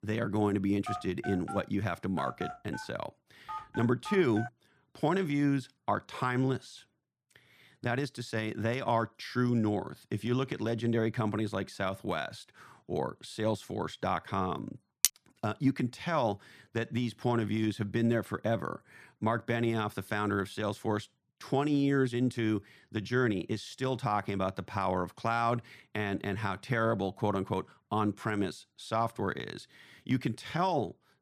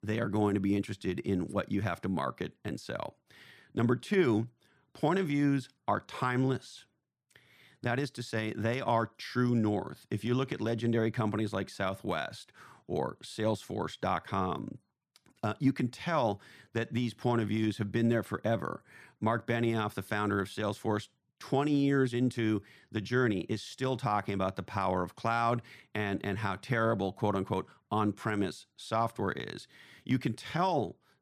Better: second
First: phone ringing; noticeable; from 1 to 4.5 s; peak 7 dB below the speech // clattering dishes; very faint; at 15 s; peak 4 dB above the speech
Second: none

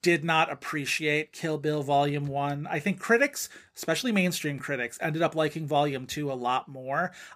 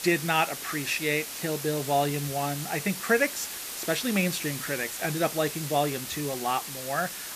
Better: first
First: none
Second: hiss; loud; throughout; 6 dB below the speech

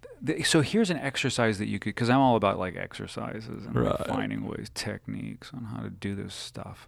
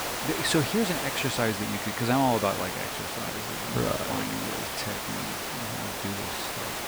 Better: first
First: none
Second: hiss; loud; throughout; 1 dB below the speech

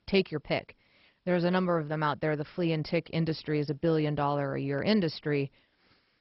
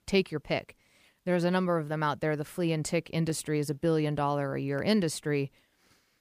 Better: second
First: garbled, watery; badly; nothing above 5.5 kHz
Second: none

